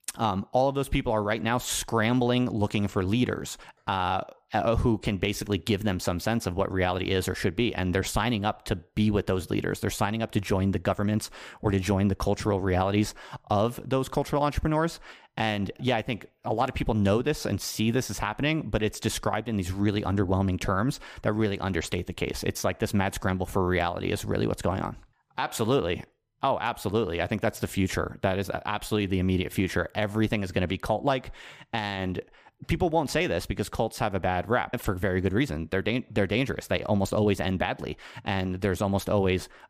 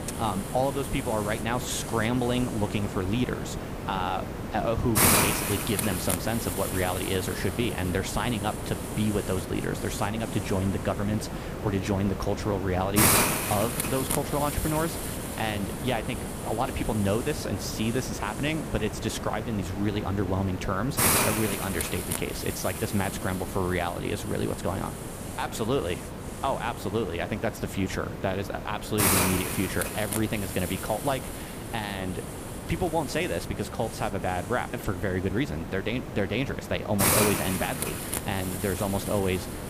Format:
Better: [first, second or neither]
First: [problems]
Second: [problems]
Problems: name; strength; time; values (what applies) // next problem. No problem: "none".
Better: first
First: none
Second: hiss; loud; throughout; 1 dB below the speech